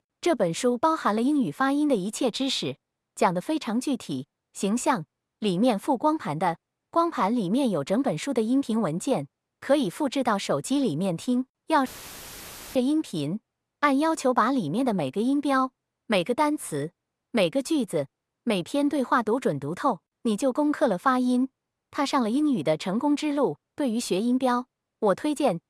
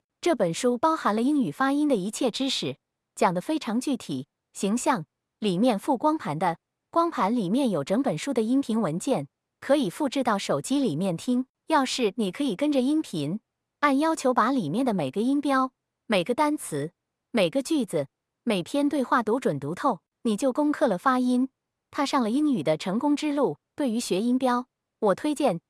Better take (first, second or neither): second